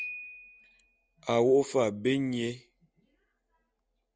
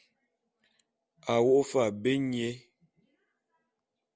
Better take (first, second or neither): second